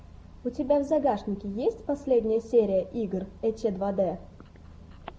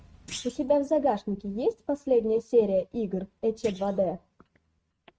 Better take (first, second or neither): first